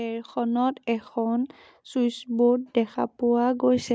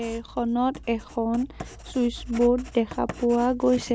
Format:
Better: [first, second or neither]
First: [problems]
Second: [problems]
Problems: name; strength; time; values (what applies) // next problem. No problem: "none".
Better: first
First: none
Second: background sound (Writing); 15 dB below the speech